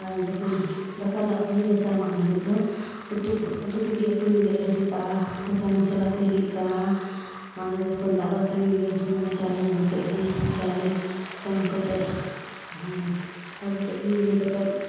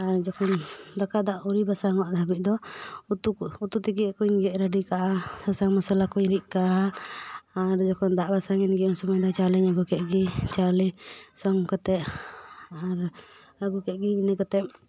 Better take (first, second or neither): second